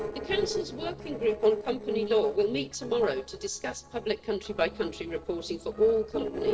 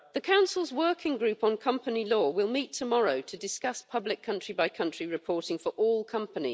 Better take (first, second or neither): second